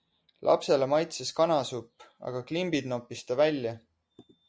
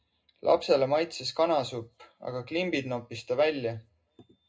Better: first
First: none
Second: room echo; dies away in 0.2 s

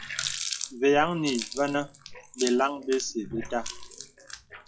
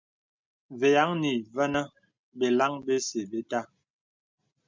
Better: second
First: noise reduction (classical method log-MMSE)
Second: none

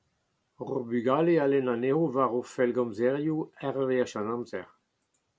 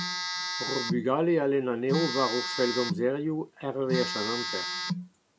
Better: first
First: none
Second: background sound (Telephone); 5 dB below the speech

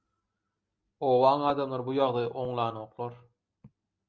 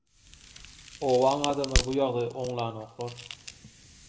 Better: first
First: none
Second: background sound (Crack); 5 dB below the speech // room echo; dies away in 1.1 s

